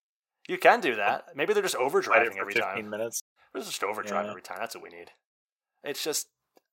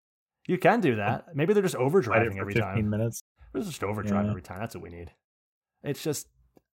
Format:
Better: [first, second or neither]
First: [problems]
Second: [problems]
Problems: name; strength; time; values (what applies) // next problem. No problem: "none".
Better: second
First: thin; very; fading below 550 Hz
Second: none